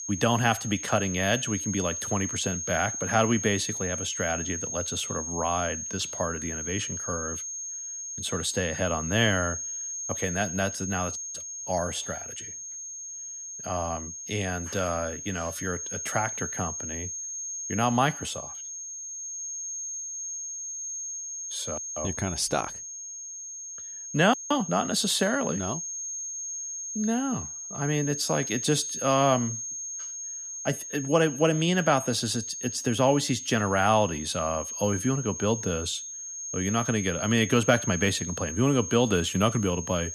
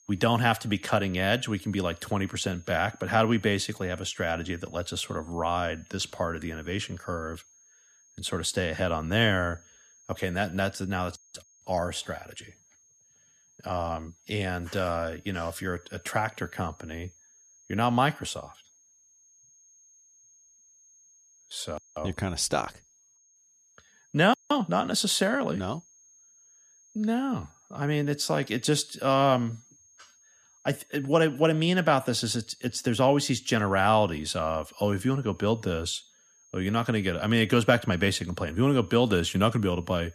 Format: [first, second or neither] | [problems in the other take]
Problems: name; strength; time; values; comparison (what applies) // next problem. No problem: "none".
second | high-pitched whine; loud; throughout; 6.5 kHz, 6 dB below the speech; faint in the second